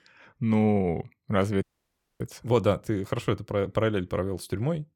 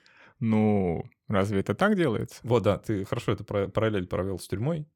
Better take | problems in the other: second | audio cutting out; at 1.5 s for 0.5 s

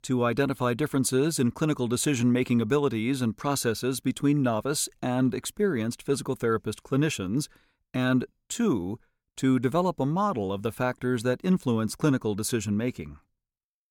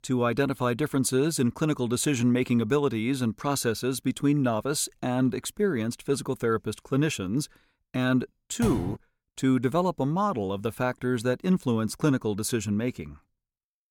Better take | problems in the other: first | door banging; noticeable; at 8.5 s; peak 6 dB below the speech

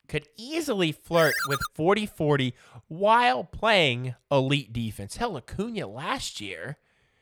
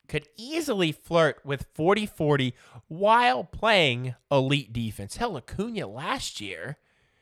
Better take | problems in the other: second | phone ringing; noticeable; at 1 s; peak 1 dB below the speech

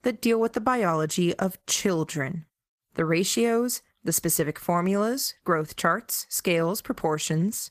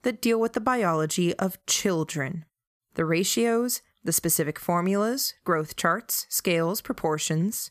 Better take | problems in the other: second | garbled, watery; slightly; nothing above 14.5 kHz

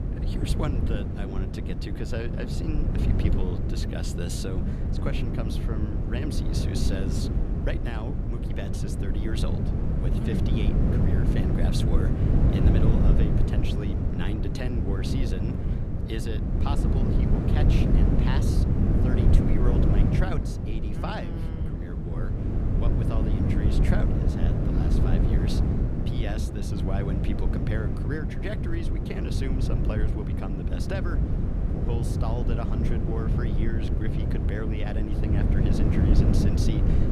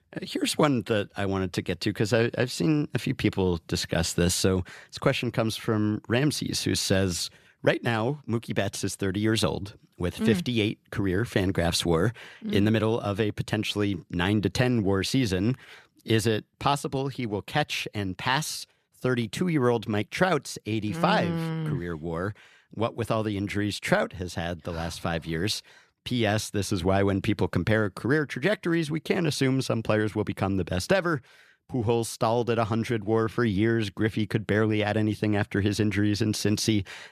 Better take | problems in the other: second | wind noise on the microphone; heavy; 2 dB above the speech

